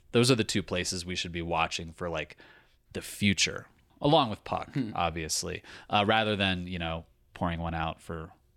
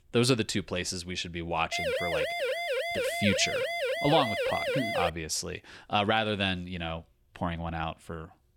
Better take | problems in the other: first | siren; loud; from 1.5 to 5 s; peak 1 dB above the speech

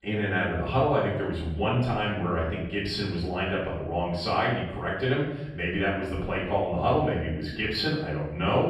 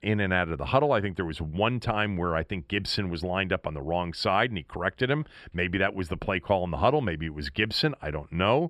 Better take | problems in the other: second | off-mic speech; far // room echo; noticeable; dies away in 0.8 s

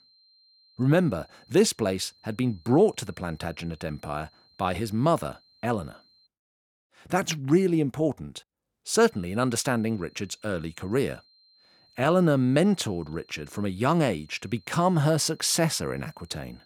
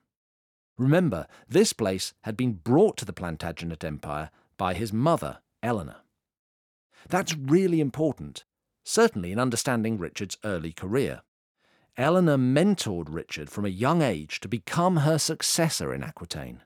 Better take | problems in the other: second | high-pitched whine; faint; until 6.5 s and from 9 s on; 4 kHz, 30 dB below the speech

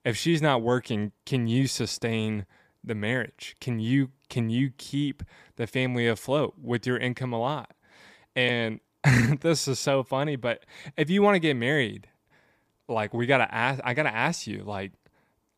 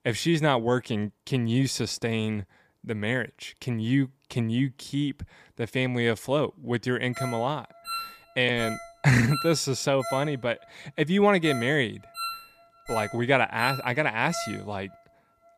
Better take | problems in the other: first | phone ringing; noticeable; from 7 to 15 s; peak 7 dB below the speech

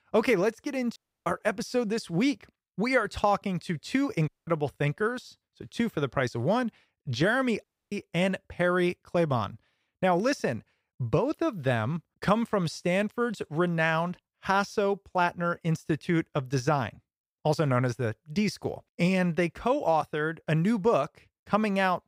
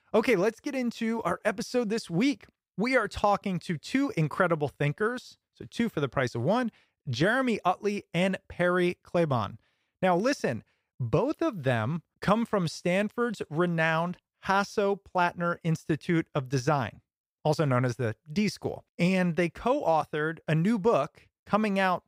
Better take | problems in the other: second | audio cutting out; at 1 s, at 4.5 s and at 7.5 s

